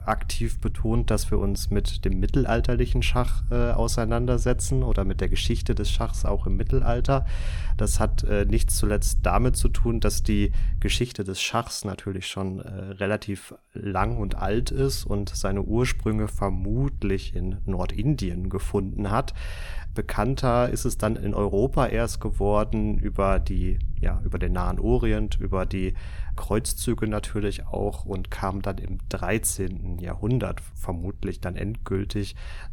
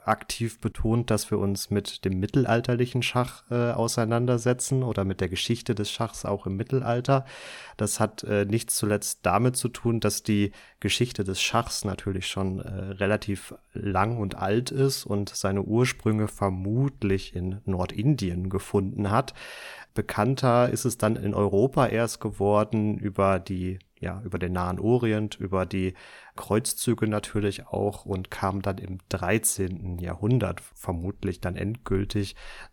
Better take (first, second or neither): second